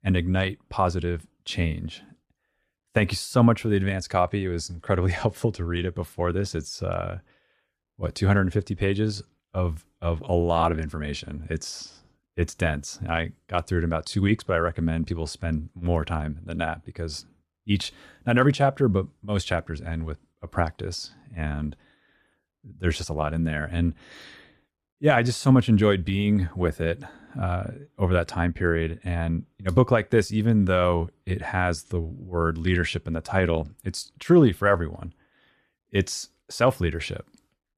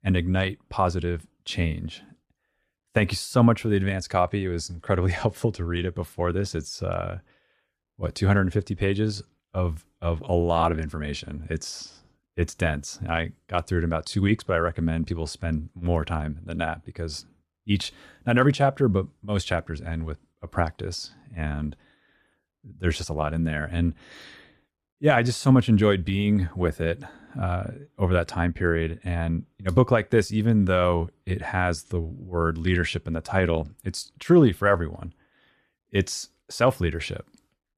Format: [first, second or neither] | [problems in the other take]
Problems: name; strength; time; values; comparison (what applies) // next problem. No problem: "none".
neither | none